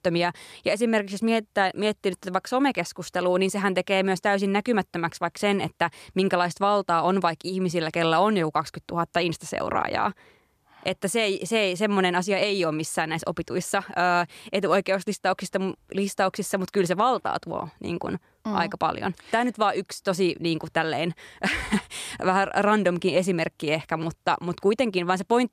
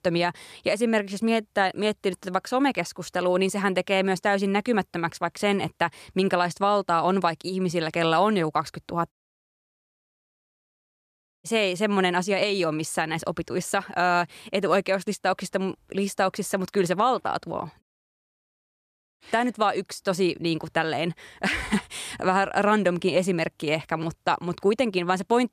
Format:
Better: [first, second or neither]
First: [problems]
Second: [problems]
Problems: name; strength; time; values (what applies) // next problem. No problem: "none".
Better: first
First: none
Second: audio cutting out; at 9 s for 2.5 s and at 18 s for 1.5 s